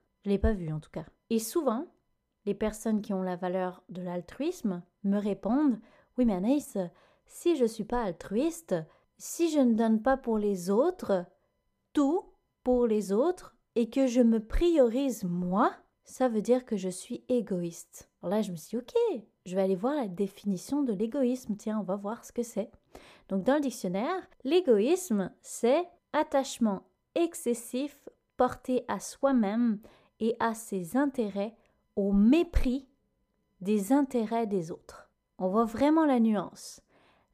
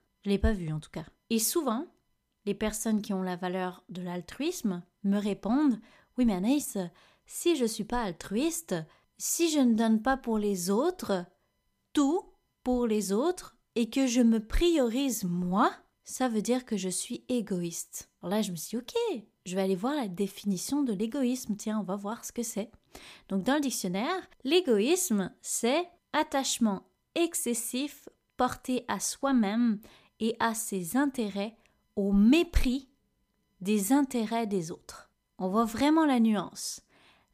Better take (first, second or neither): second